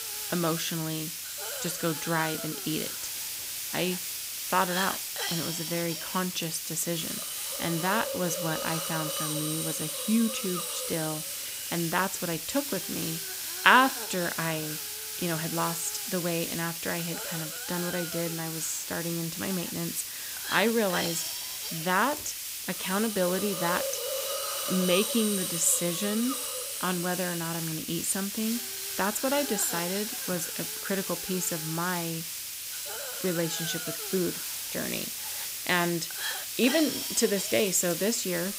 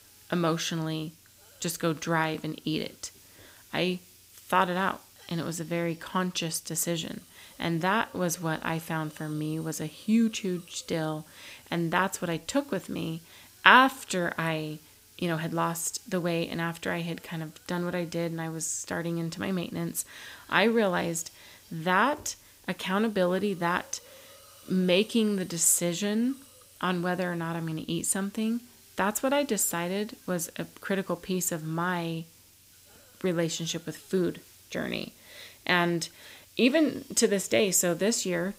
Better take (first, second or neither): second